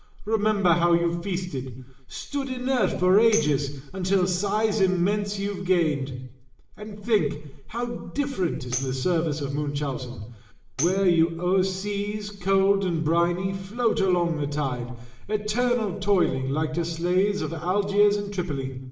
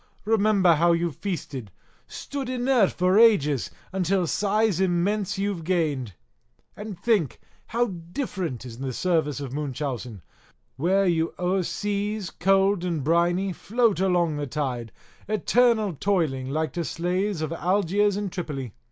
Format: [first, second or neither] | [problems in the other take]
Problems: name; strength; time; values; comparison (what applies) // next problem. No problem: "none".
second | background sound (Tambourine); 15 dB below the speech // room echo; dies away in 0.8 s